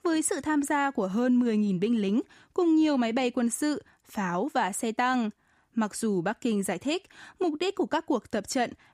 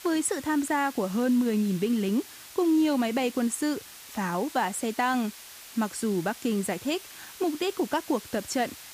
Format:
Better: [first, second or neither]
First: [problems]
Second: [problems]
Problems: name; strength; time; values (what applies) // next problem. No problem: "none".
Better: first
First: none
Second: hiss; noticeable; throughout; 15 dB below the speech